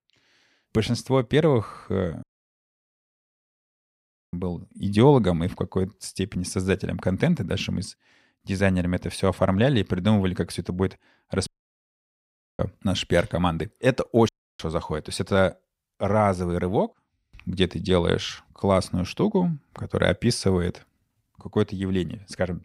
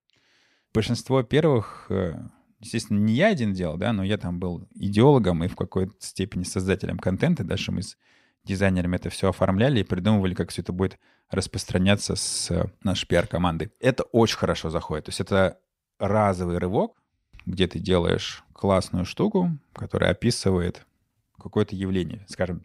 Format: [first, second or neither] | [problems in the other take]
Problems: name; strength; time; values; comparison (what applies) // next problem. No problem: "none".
second | audio cutting out; at 2 s for 2 s, at 11 s for 1 s and at 14 s